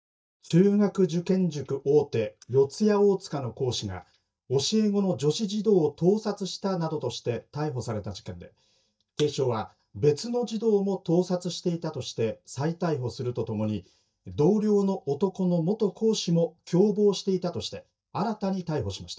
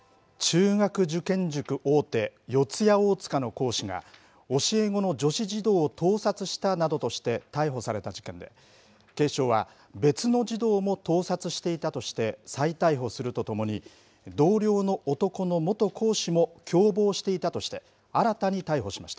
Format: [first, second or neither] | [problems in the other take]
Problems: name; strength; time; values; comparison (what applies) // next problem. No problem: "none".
second | noise reduction (neural mask model DeepFilterNet 3)